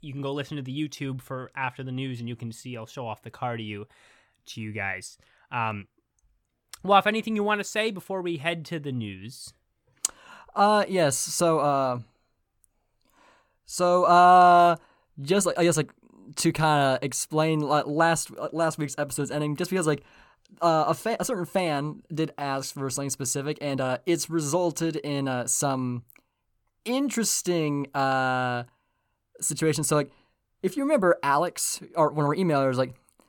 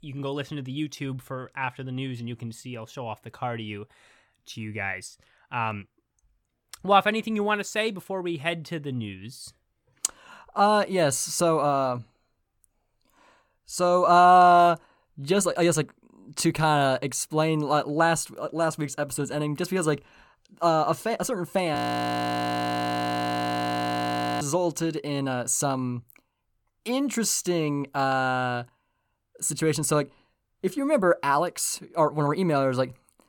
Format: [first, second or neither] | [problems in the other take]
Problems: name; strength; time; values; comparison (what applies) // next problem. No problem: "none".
first | audio freezing; at 22 s for 2.5 s